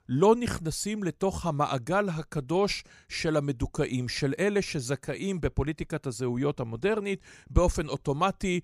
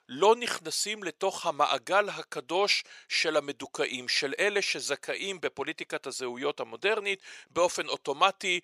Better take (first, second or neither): first